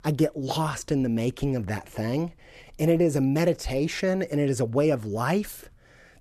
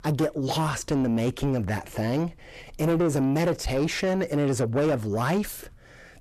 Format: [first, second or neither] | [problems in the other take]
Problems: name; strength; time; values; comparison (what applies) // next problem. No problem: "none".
first | distortion; slight; 10 dB below the speech